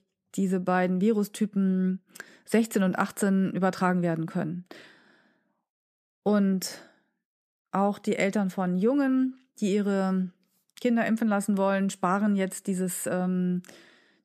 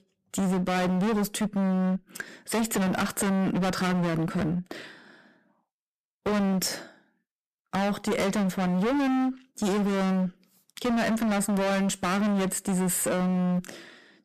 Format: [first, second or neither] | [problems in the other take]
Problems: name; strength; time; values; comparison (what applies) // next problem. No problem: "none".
first | distortion; heavy; 34% of the sound clipped